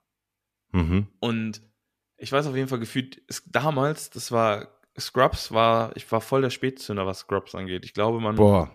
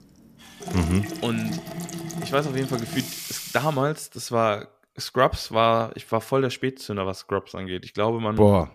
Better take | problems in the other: first | household noises; loud; until 3.5 s; 9 dB below the speech

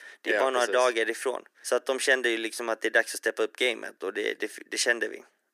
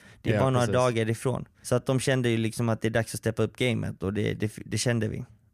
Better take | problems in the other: second | thin; very; fading below 350 Hz

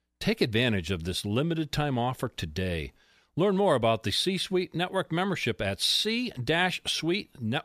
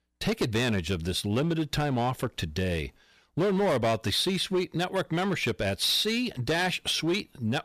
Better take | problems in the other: first | distortion; slight; 10% of the sound clipped

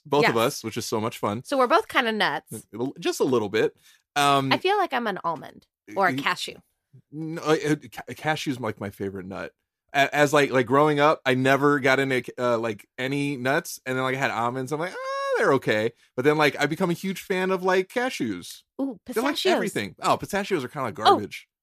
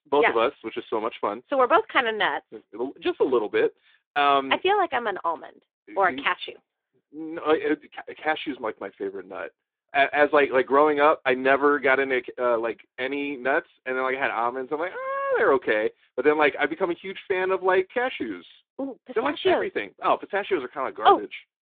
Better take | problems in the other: first | phone-call audio

